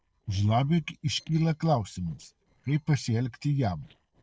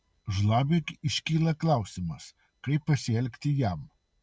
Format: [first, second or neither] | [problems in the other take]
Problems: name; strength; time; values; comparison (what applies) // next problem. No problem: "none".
second | noise reduction (neural separator model SepFormer DNS4)